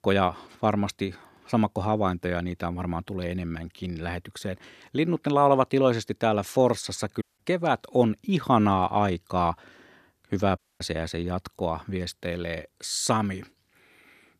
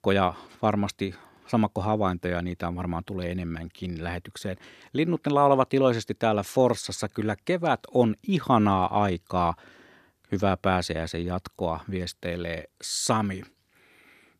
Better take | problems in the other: second | audio cutting out; at 7 s and at 11 s

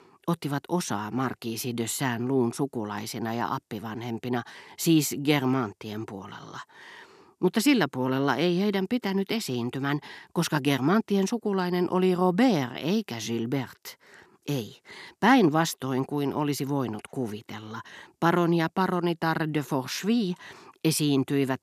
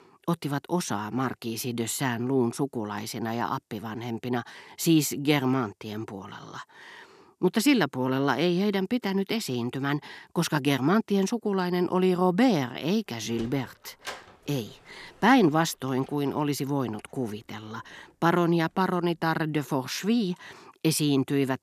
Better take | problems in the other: first | door banging; faint; from 13 to 16 s; peak 15 dB below the speech

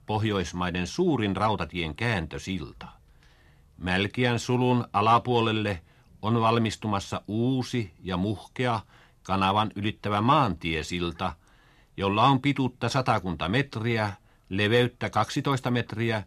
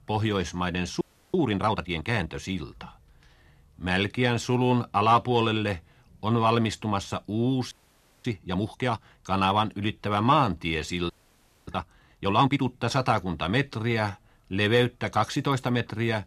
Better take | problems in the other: first | audio freezing; at 1 s, at 7.5 s for 0.5 s and at 11 s for 0.5 s

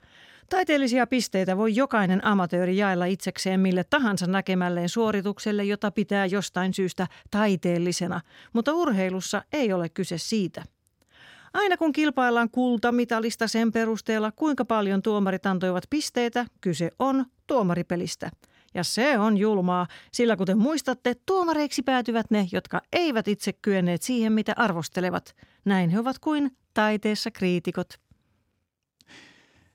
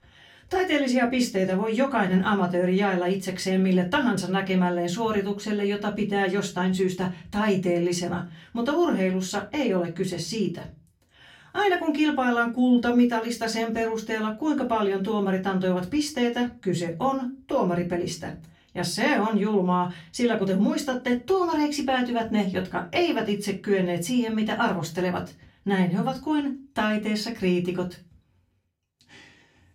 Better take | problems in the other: first | off-mic speech; far // room echo; very slight; dies away in 0.2 s

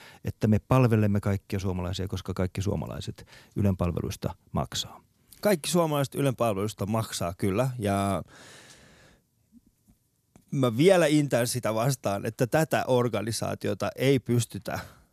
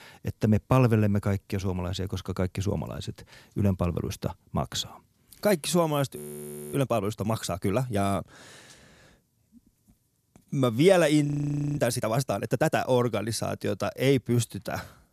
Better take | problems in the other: first | audio freezing; at 6 s for 0.5 s and at 11 s for 0.5 s

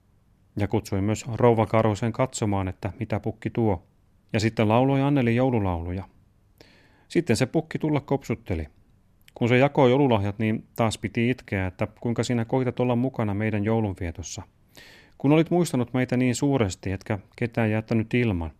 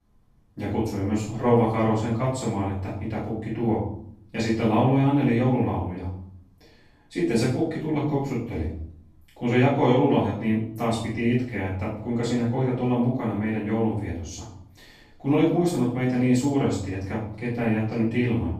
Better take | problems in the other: first | off-mic speech; far // room echo; noticeable; dies away in 0.6 s

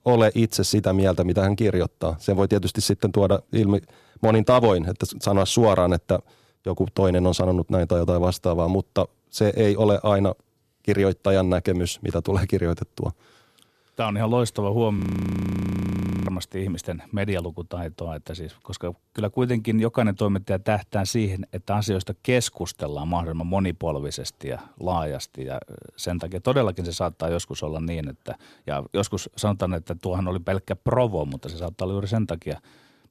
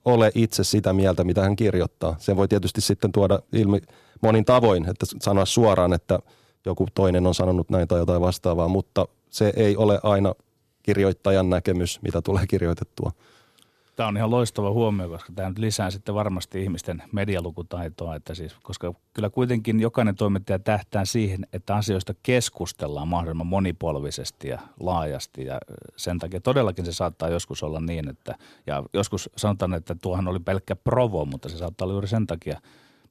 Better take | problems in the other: second | audio freezing; at 15 s for 1.5 s

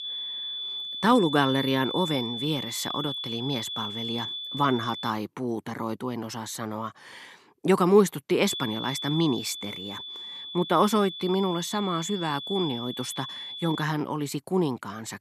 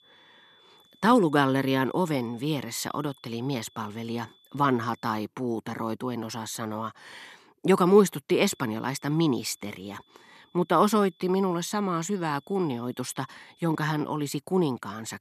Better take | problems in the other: second | high-pitched whine; loud; until 5 s and from 8.5 to 14 s; 3.5 kHz, 6 dB below the speech; faint in the second

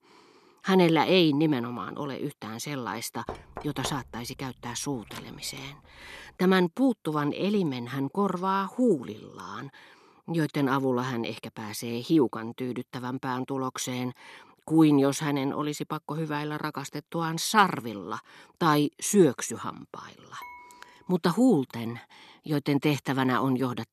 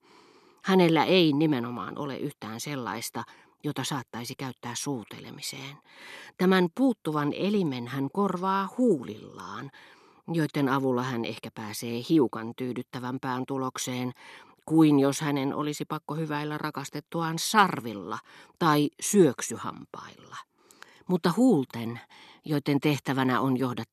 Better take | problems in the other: second | door banging; faint; from 3.5 to 5.5 s; peak 10 dB below the speech // clattering dishes; faint; at 20 s; peak 20 dB below the speech

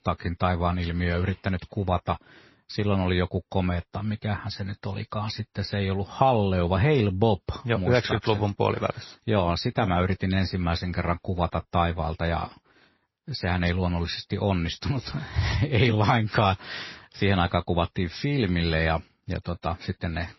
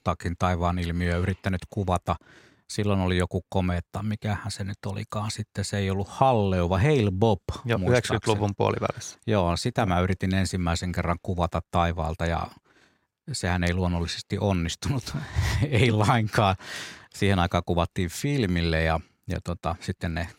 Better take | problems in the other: second | garbled, watery; slightly; nothing above 5.5 kHz

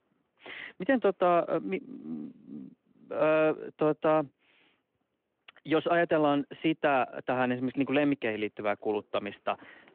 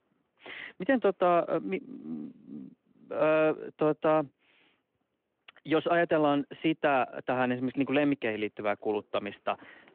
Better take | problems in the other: neither | phone-call audio; the same in both

